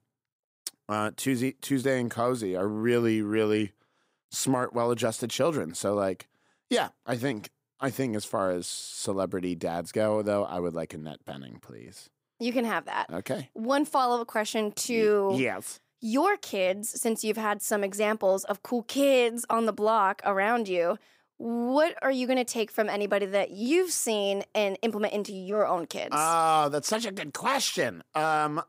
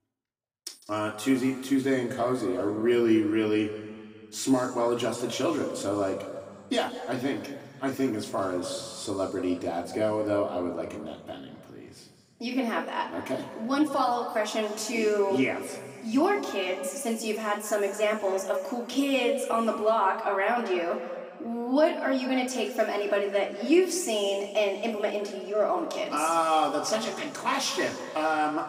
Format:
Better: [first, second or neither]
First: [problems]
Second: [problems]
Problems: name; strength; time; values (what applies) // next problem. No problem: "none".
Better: first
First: none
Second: room echo; slight; dies away in 2 s // off-mic speech; far